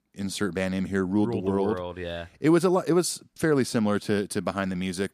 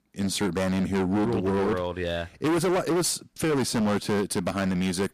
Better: first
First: none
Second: distortion; heavy; 24% of the sound clipped

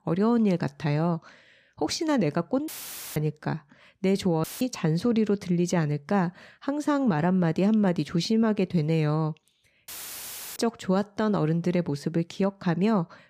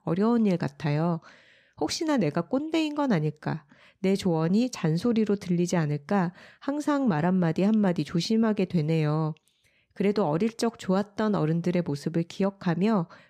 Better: second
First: audio cutting out; filled with static; at 2.5 s, at 4.5 s and at 10 s for 0.5 s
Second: none

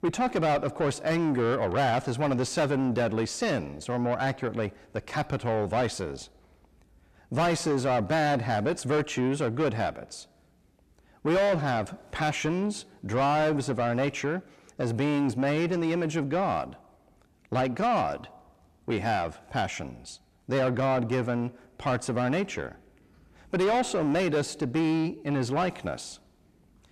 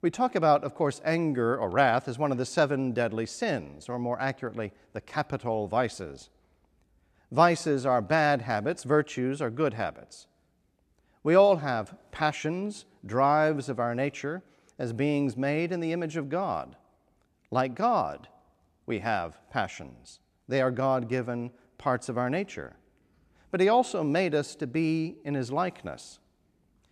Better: second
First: distortion; heavy; 6 dB below the speech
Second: none

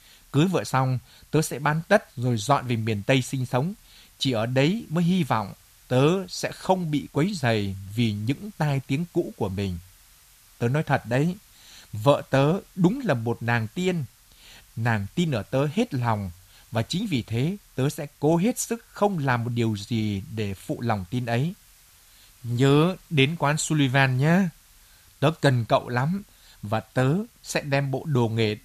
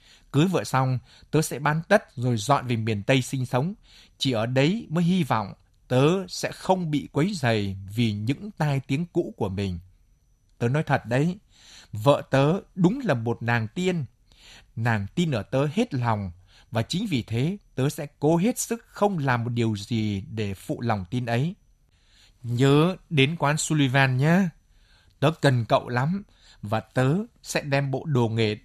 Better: second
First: hiss; faint; throughout; 30 dB below the speech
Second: none

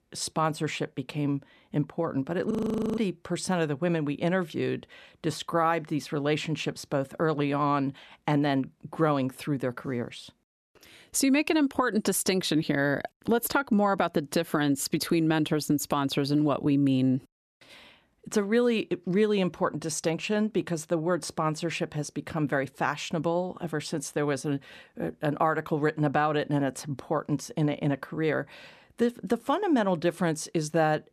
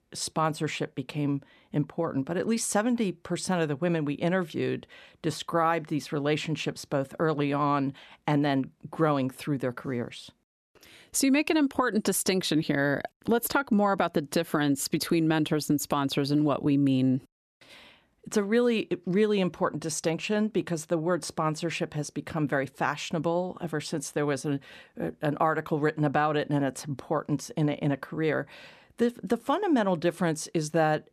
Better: second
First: audio freezing; at 2.5 s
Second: none

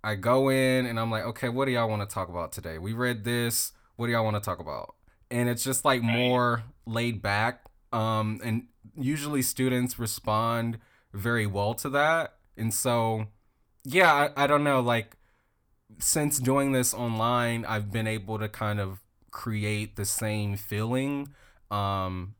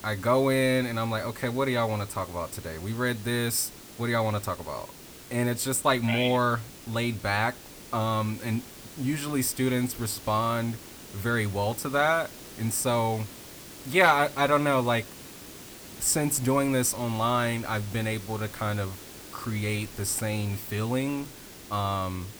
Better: first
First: none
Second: hiss; noticeable; throughout; 15 dB below the speech

